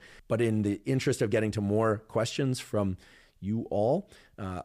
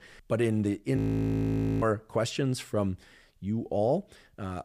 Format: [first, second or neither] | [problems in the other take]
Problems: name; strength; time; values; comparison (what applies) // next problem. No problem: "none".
first | audio freezing; at 1 s for 1 s